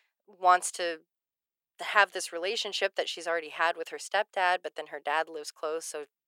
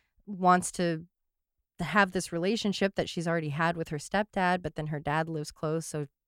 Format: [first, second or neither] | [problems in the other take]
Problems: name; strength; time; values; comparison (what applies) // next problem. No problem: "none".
second | thin; very; fading below 450 Hz